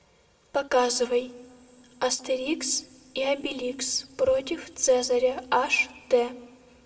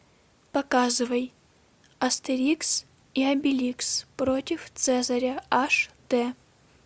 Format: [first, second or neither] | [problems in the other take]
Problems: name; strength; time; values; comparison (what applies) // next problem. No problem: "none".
second | room echo; dies away in 1.2 s